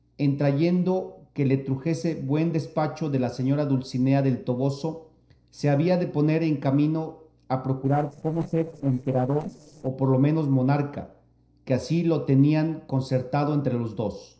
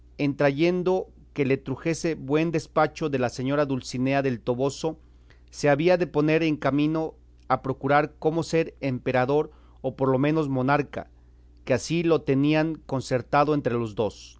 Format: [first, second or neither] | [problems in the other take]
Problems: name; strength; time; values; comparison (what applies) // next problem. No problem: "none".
second | noise reduction (neural separator model SepFormer DNS4)